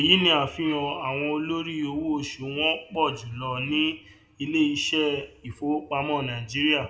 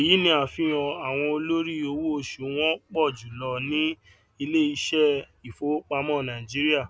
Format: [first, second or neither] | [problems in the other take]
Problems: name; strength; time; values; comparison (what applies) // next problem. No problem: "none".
second | room echo; dies away in 0.5 s